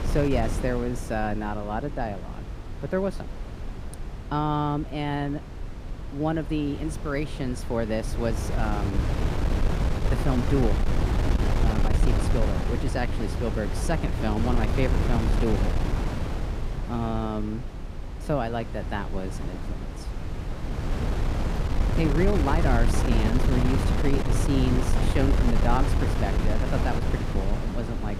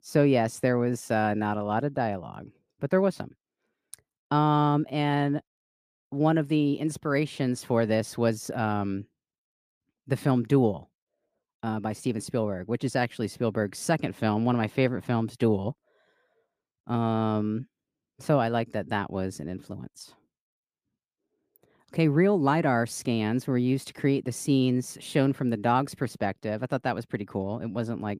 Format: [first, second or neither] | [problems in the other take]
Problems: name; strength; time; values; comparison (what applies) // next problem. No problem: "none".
second | wind noise on the microphone; heavy; 4 dB below the speech